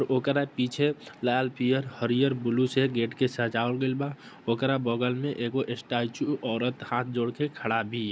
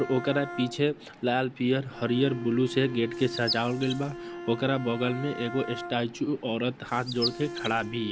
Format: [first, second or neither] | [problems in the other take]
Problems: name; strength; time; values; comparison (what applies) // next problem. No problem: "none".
first | background sound (Bowed string instrument + Chirp, tweet); 10 dB below the speech